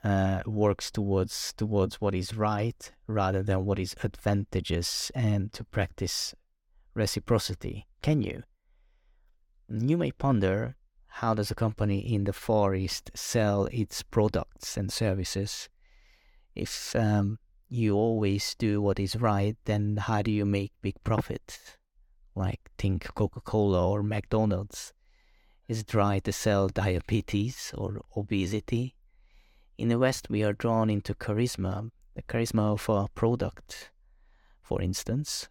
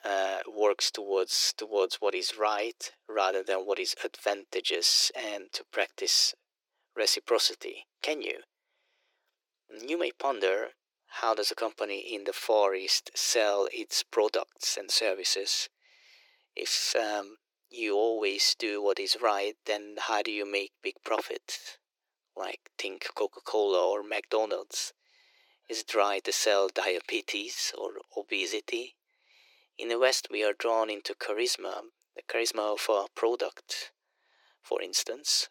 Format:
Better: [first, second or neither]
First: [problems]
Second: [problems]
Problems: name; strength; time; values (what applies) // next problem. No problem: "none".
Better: first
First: none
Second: thin; very; fading below 350 Hz